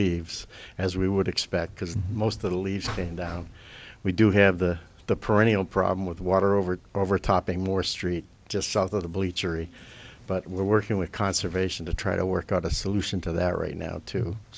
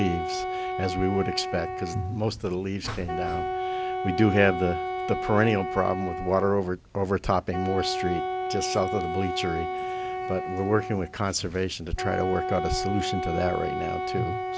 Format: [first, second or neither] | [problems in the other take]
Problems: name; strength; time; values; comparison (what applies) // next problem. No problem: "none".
first | background sound (Wind instrument, woodwind instrument); 4 dB below the speech